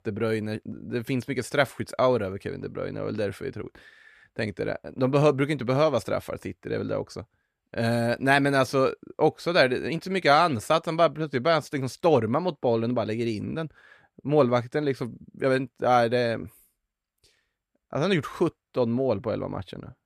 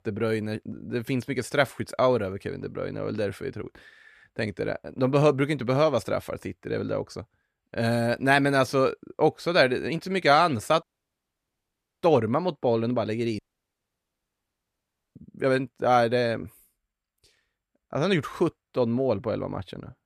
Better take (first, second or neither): first